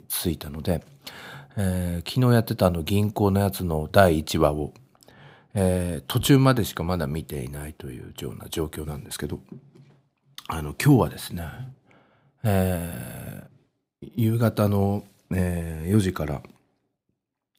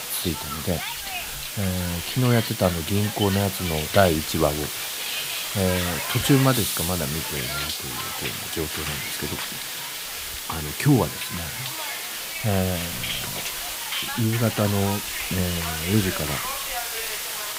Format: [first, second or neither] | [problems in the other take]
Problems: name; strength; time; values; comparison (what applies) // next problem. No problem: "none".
first | hiss; loud; throughout; 2 dB below the speech